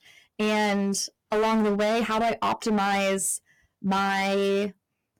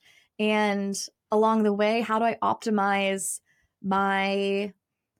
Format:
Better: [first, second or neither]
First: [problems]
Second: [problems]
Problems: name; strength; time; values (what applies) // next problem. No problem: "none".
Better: second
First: distortion; heavy; 18% of the sound clipped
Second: none